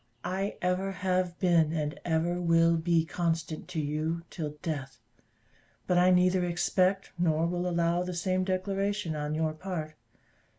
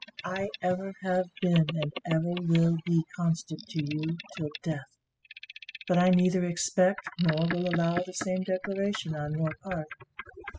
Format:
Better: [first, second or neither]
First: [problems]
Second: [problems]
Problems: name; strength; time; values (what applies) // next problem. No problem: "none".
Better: first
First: none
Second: noise reduction (classical method spectral subtraction)